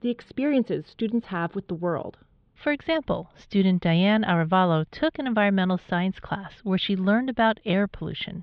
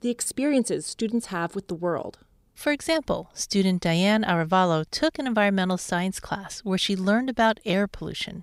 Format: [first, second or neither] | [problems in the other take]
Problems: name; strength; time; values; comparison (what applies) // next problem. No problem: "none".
second | muffled; very; fading above 3.5 kHz